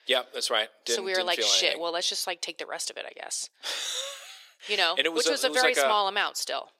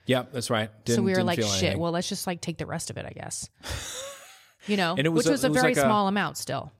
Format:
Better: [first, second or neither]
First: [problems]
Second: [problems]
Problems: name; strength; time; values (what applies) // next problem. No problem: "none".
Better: second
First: thin; very; fading below 400 Hz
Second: none